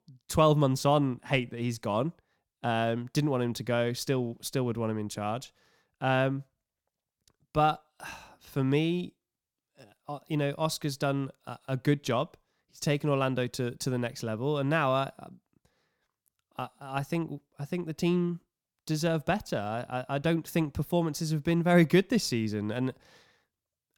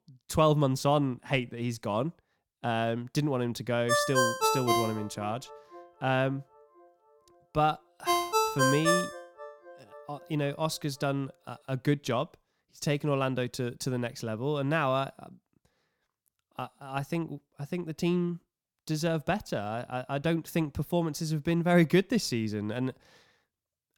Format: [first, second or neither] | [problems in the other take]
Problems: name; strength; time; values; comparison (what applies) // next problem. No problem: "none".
first | phone ringing; loud; from 4 to 9.5 s; peak 5 dB above the speech